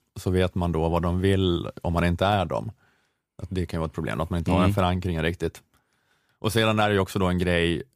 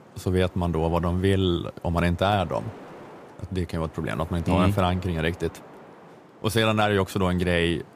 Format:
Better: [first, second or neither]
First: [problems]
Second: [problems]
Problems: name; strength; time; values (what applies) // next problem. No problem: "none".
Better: first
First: none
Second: wind noise on the microphone; occasional gusts; 20 dB below the speech